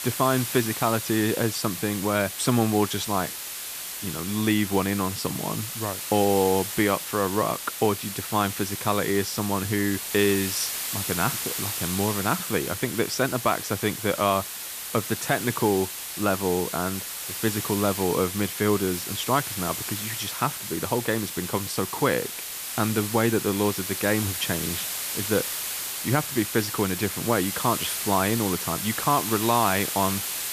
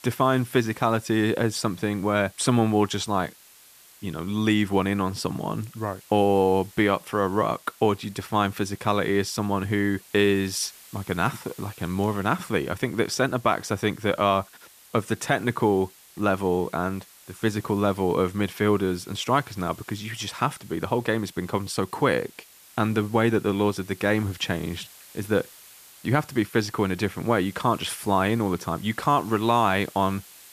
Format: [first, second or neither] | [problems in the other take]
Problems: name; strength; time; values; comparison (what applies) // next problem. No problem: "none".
second | hiss; loud; throughout; 4 dB below the speech; faint in the second